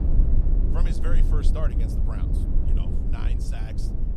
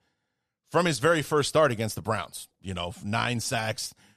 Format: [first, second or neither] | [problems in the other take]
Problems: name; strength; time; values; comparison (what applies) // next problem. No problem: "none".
second | low rumble; loud; throughout; as loud as the speech